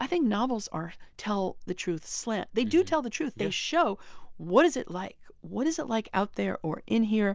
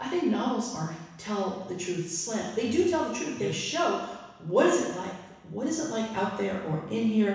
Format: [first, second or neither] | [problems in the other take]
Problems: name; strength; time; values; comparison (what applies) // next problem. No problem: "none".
first | room echo; dies away in 1.1 s